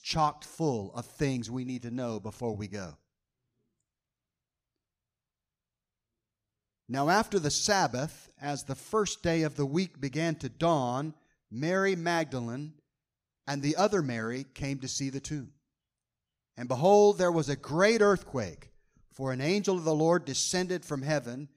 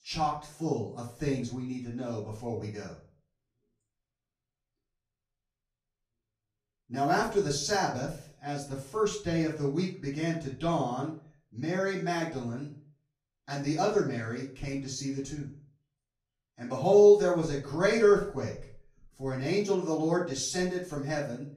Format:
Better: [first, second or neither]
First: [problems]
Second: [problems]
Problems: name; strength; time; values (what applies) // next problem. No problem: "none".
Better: first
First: none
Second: off-mic speech; far // room echo; slight; dies away in 0.4 s